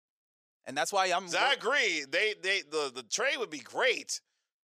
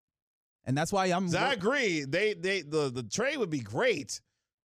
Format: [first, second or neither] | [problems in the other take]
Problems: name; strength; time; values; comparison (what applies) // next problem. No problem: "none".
second | thin; very; fading below 600 Hz